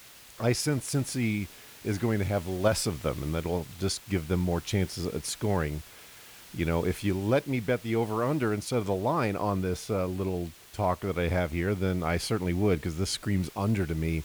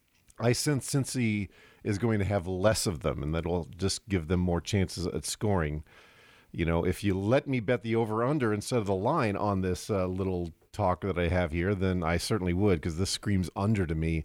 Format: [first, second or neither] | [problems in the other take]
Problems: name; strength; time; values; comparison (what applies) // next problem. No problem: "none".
second | hiss; noticeable; throughout; 20 dB below the speech